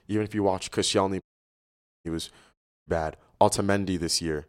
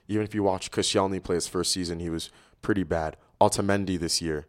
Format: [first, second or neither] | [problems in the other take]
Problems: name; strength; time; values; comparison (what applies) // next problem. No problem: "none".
second | audio cutting out; at 1 s for 1 s and at 2.5 s